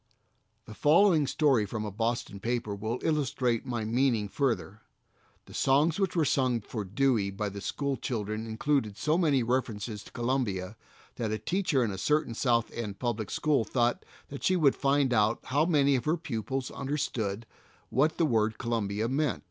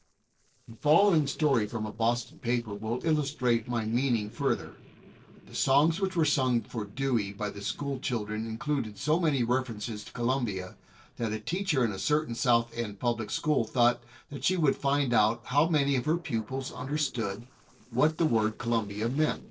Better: first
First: none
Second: noise reduction (neural separator model SepFormer DNS4)

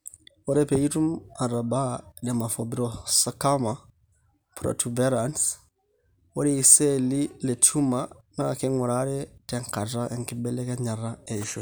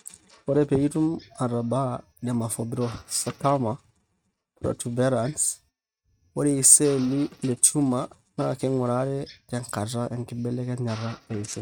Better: first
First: none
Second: noise reduction (neural mask model RNNoise)

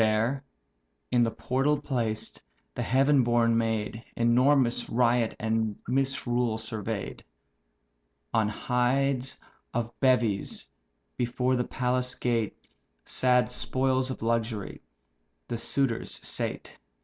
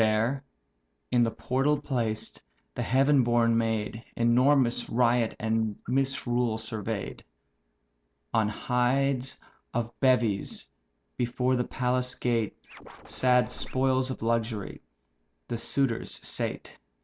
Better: first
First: none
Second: background sound (Scratching (performance technique)); 18 dB below the speech

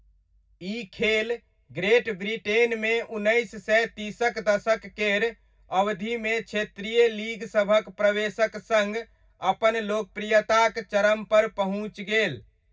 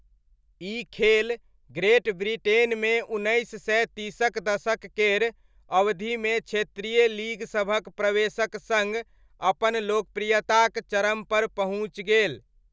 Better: second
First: room echo; dies away in 0.4 s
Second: none

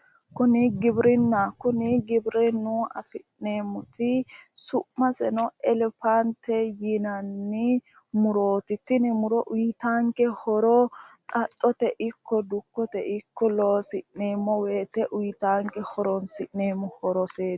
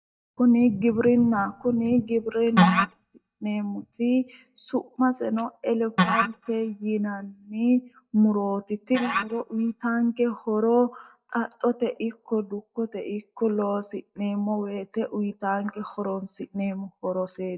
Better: first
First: none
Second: noise reduction (neural mask model DeepFilterNet 3)

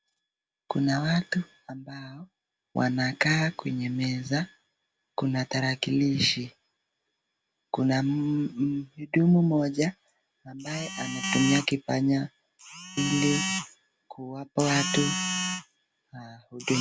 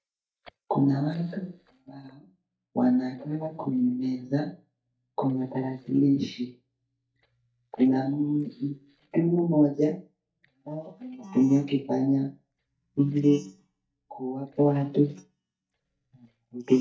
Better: first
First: none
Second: noise reduction (neural mask model DeepFilterNet 3)

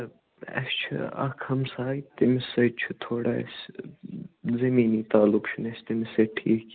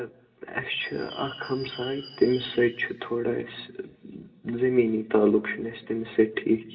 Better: first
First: none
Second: background sound (Bird); 17 dB below the speech // room echo; dies away in 1.9 s

